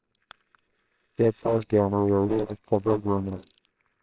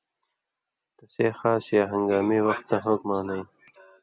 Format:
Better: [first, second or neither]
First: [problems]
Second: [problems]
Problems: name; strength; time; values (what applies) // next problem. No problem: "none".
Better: second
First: noise reduction (neural separator model SepFormer WHAMR!)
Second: none